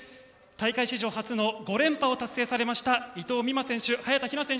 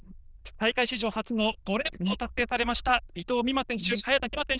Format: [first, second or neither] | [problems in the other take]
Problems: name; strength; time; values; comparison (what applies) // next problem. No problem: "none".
first | noise reduction (neural diffusion model UNIVERSE++)